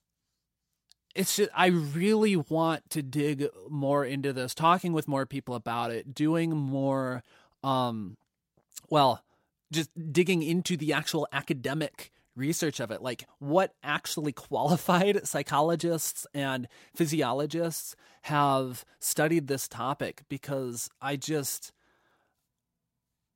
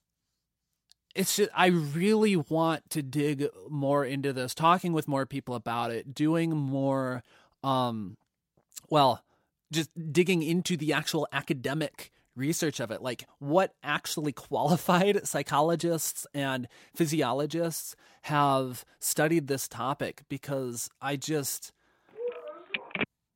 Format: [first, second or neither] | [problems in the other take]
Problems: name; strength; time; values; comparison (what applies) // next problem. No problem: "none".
first | phone ringing; noticeable; at 22 s; peak 3 dB below the speech